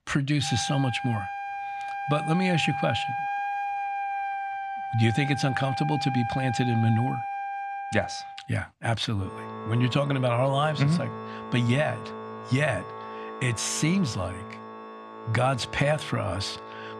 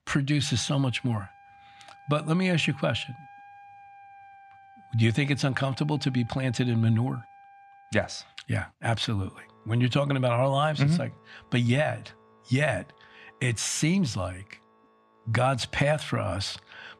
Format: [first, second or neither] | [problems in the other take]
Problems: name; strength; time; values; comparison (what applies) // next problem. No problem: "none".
second | background music; loud; throughout; 7 dB below the speech; faint in the second